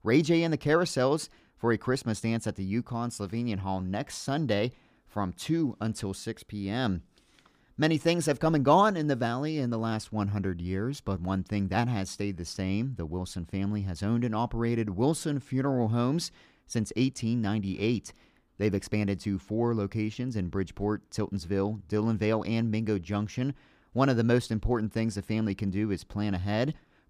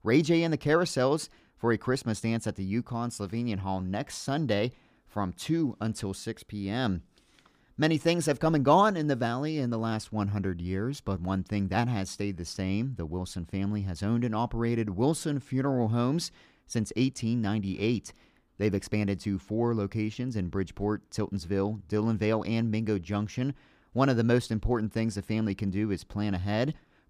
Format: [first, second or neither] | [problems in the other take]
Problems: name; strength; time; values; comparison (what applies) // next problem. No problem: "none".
neither | none